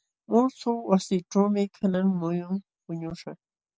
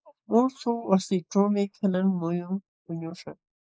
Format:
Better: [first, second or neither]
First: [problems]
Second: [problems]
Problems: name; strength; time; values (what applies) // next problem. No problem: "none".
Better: first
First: none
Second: noise reduction (neural mask model Resemble Enhance denoiser)